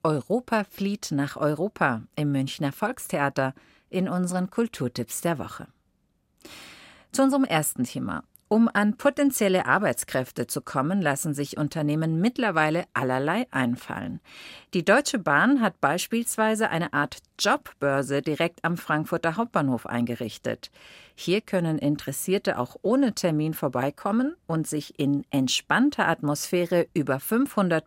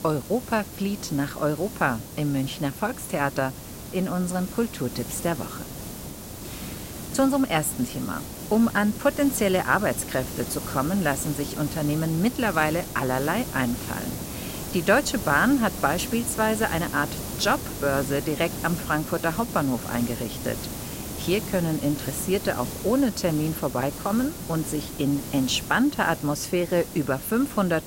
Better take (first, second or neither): first